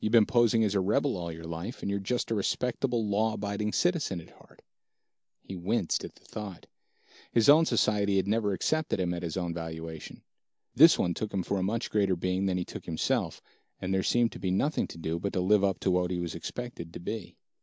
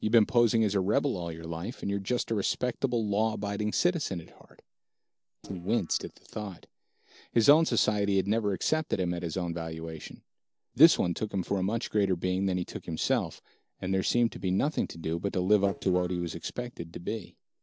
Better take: first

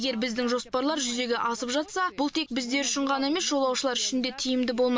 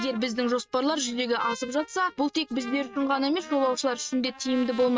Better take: first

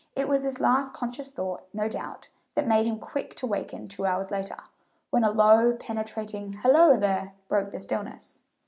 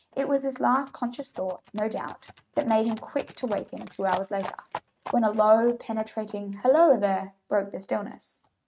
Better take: first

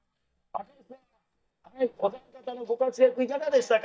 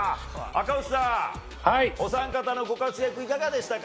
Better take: second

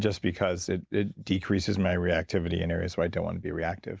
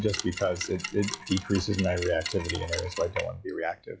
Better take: first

